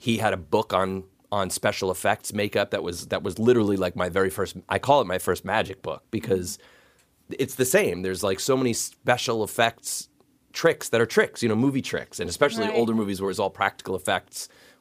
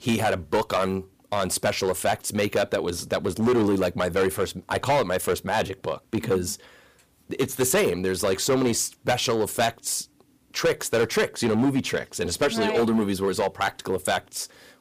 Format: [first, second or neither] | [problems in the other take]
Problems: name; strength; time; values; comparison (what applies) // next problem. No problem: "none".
first | distortion; heavy; 7% of the sound clipped